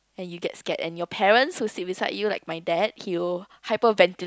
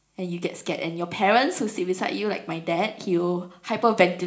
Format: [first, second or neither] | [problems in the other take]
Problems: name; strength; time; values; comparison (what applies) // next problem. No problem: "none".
first | room echo; dies away in 0.4 s